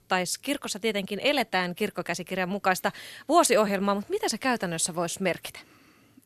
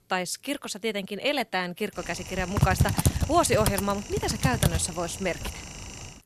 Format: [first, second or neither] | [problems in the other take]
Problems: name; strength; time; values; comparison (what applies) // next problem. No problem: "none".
first | keyboard typing; loud; from 2.5 to 5.5 s; peak 4 dB above the speech